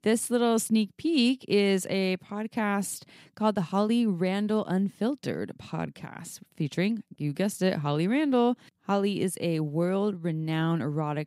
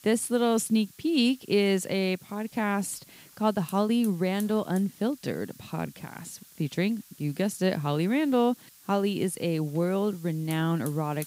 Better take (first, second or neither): first